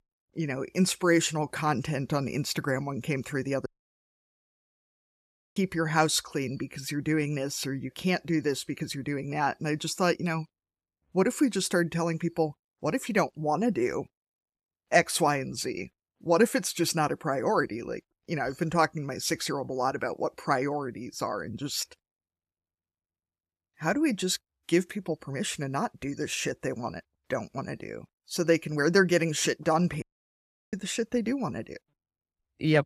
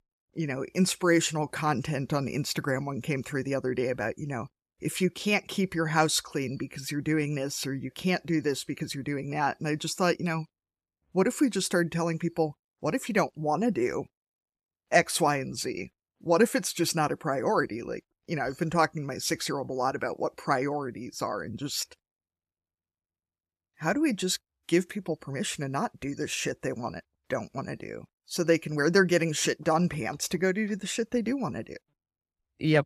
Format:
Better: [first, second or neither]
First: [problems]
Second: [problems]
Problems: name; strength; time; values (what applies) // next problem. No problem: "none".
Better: second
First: audio cutting out; at 3.5 s for 2 s and at 30 s for 0.5 s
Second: none